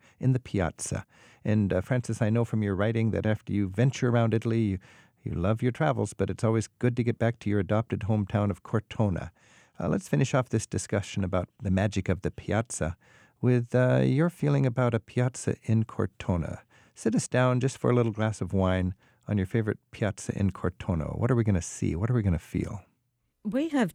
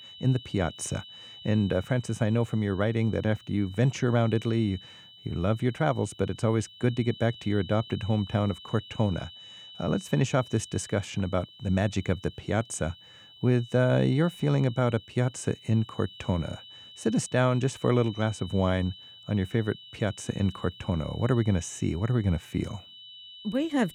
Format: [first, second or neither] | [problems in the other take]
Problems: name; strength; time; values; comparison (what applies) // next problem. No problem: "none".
first | high-pitched whine; noticeable; throughout; 3 kHz, 20 dB below the speech